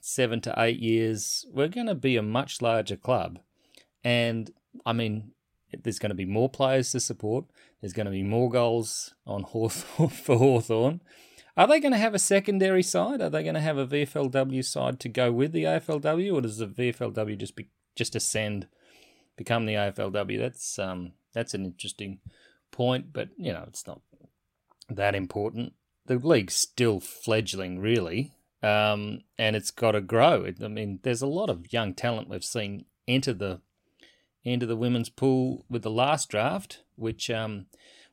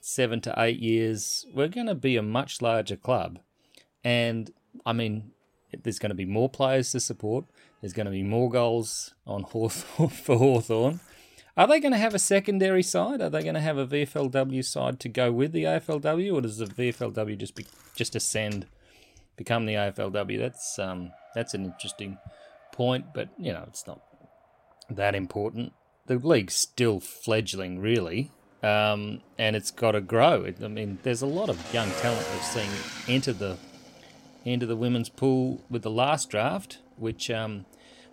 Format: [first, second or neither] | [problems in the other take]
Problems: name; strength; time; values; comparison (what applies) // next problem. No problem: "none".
first | traffic noise; noticeable; throughout; 15 dB below the speech